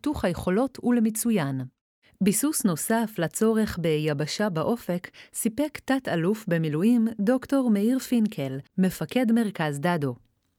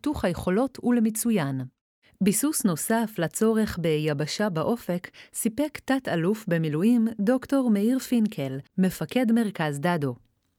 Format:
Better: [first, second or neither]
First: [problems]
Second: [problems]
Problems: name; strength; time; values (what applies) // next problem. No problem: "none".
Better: neither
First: none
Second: none